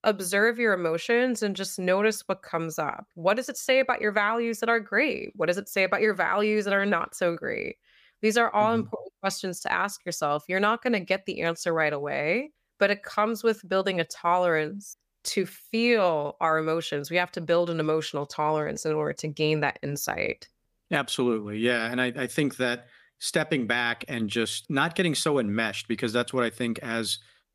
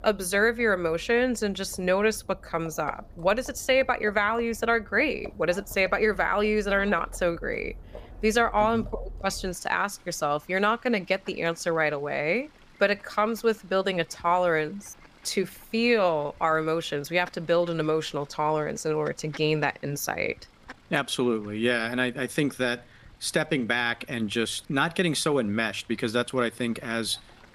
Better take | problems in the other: first | animal sounds; faint; throughout; 20 dB below the speech

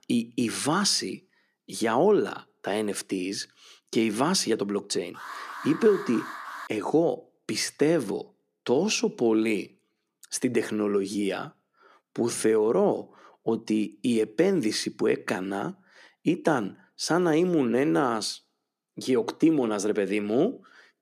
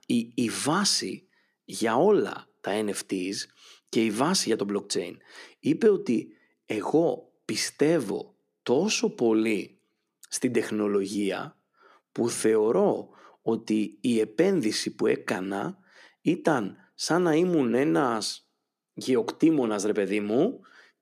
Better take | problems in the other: second | alarm; faint; from 5 to 6.5 s; peak 10 dB below the speech

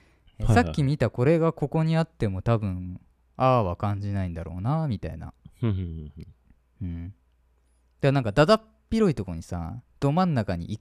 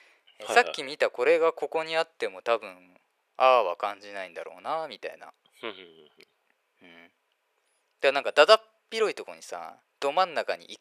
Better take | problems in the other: first | thin; very; fading below 500 Hz

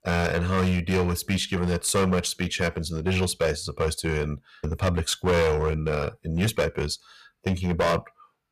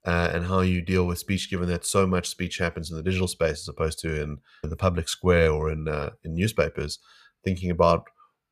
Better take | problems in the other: second | distortion; heavy; 9% of the sound clipped

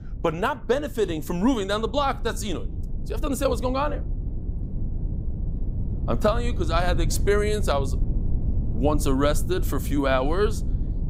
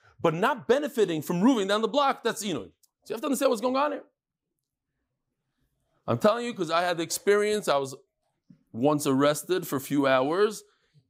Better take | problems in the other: second | low rumble; noticeable; throughout; 20 dB below the speech

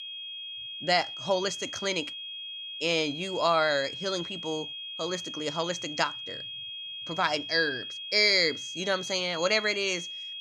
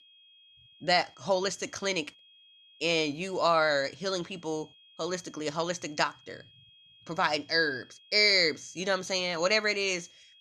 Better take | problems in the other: second | high-pitched whine; loud; throughout; 3.5 kHz, 8 dB below the speech; faint in the second

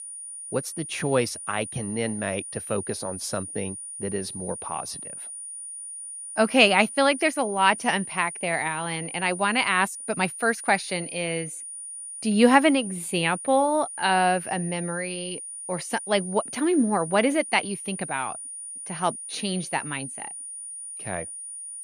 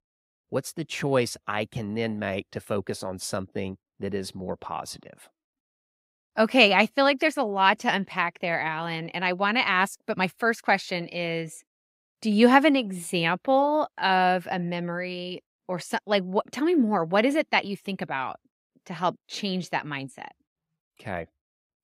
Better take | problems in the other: second | high-pitched whine; loud; throughout; 9.5 kHz, 9 dB below the speech

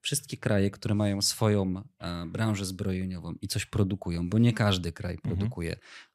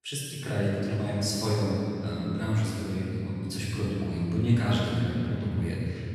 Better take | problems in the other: first | off-mic speech; far // room echo; strong; dies away in 3 s

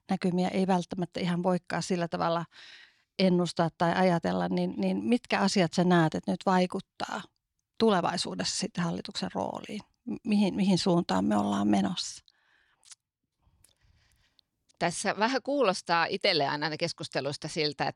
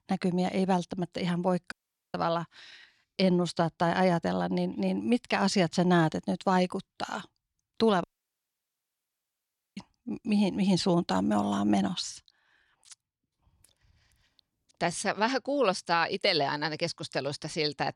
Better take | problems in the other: first | audio cutting out; at 1.5 s and at 8 s for 1.5 s

